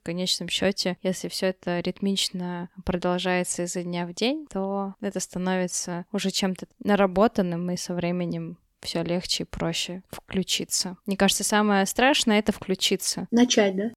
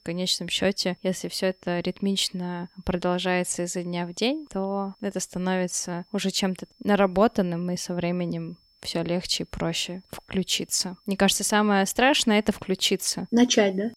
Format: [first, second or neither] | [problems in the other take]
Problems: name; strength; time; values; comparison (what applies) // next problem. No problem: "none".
first | high-pitched whine; faint; throughout; 5.5 kHz, 35 dB below the speech